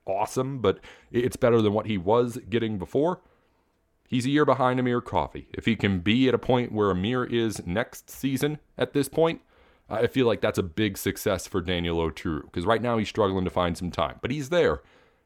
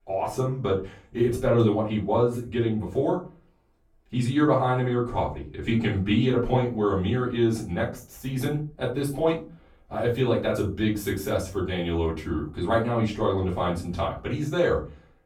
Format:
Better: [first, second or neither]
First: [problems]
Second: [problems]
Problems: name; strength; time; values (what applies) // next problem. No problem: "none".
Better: first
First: none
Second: off-mic speech; far // room echo; slight; dies away in 0.3 s